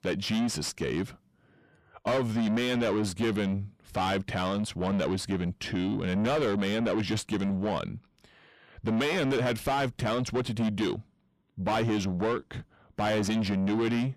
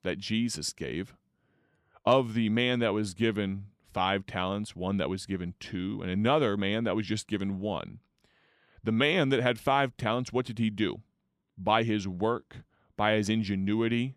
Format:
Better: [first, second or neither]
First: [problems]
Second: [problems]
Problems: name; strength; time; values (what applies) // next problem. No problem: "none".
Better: second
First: distortion; heavy; 5 dB below the speech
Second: none